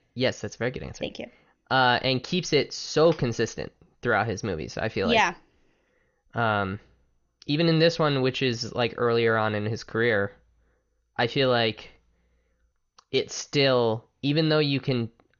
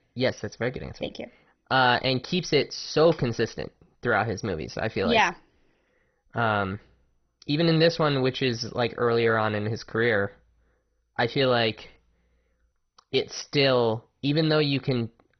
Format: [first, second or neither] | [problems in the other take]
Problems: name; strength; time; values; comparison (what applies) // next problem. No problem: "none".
first | garbled, watery; badly; nothing above 6 kHz; slightly in the first